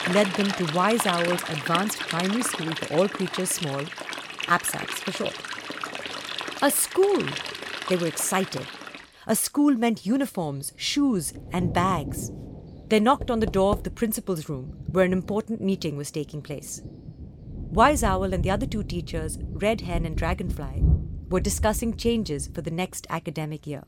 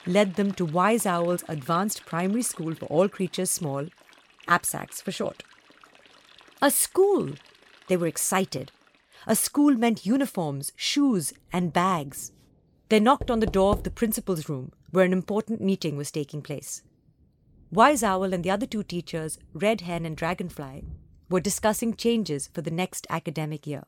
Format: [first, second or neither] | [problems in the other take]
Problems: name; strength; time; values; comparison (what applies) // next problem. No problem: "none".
second | rain or running water; loud; throughout; 6 dB below the speech; faint in the second